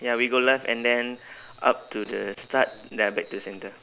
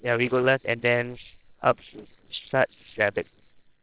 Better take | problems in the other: first | noise reduction (neural separator model SepFormer WHAM!)

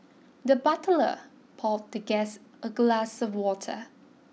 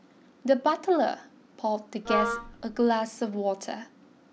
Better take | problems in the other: first | background sound (Wind instrument, woodwind instrument); 3 dB below the speech

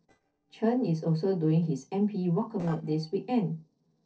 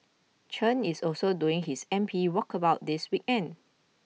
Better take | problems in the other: second | noise reduction (neural separator model SepFormer DNS4)

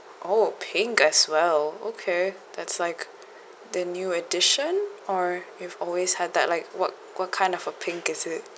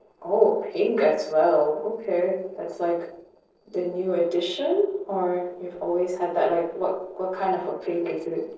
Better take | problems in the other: first | noise reduction (neural separator model SepFormer DNS4)

